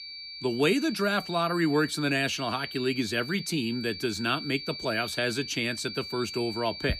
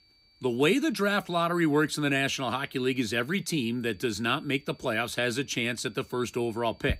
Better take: second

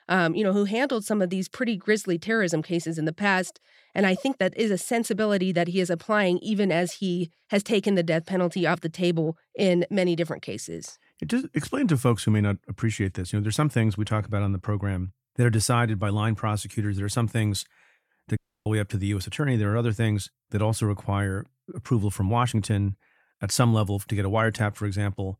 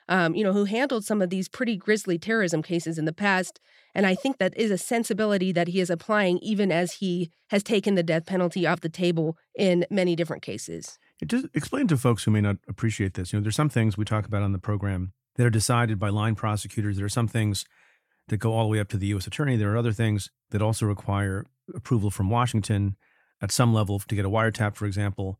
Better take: second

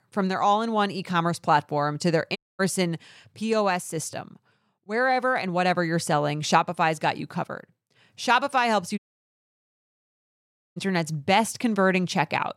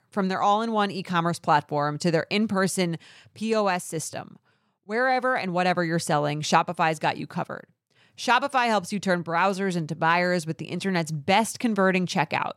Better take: second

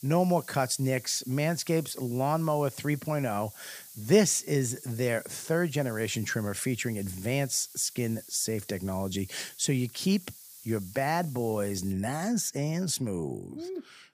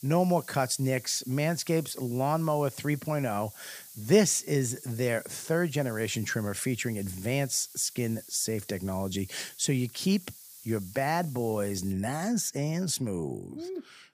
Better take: neither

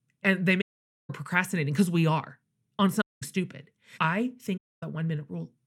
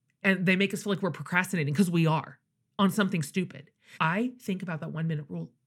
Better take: second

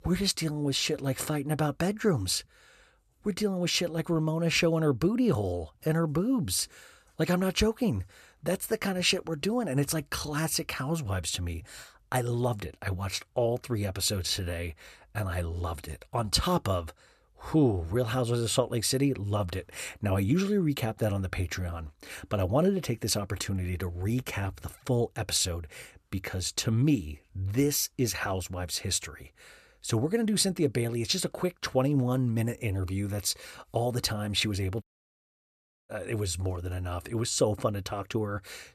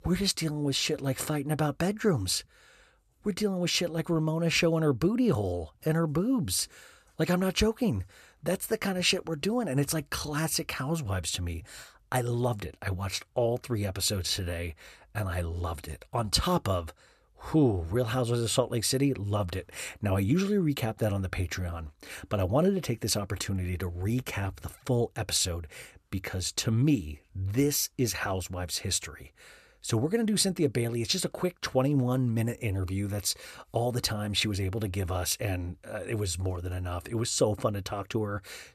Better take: second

